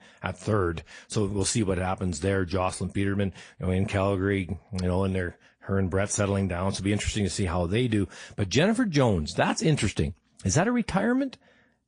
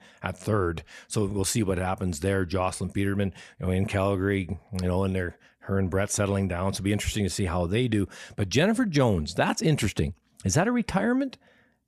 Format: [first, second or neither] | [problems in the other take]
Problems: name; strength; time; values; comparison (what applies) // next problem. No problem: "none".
second | garbled, watery; slightly; nothing above 10 kHz